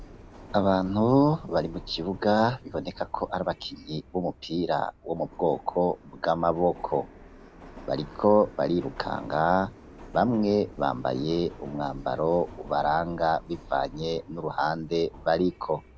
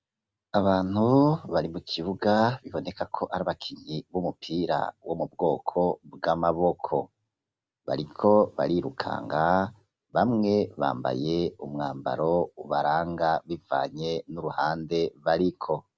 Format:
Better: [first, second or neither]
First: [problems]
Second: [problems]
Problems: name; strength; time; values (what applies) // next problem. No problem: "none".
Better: second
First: background sound (Subway, metro, underground); 19 dB below the speech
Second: none